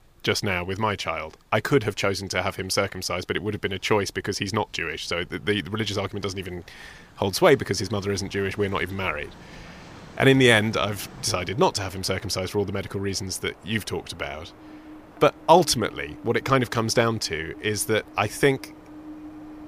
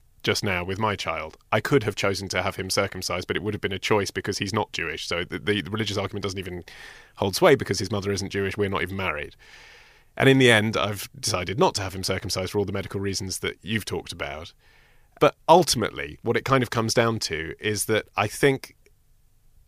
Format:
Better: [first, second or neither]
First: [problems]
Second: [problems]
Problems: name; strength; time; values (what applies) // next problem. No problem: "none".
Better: second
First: train or aircraft noise; faint; throughout; 20 dB below the speech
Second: none